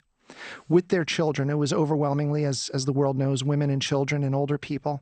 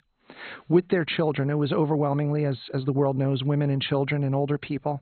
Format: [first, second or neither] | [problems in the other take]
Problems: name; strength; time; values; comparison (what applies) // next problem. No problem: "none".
first | garbled, watery; badly; nothing above 4 kHz; slightly in the first